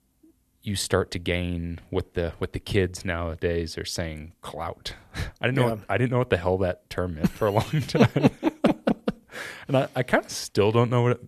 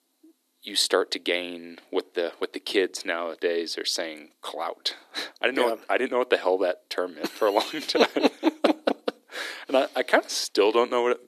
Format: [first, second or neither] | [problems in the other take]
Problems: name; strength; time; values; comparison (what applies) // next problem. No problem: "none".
first | thin; somewhat; fading below 300 Hz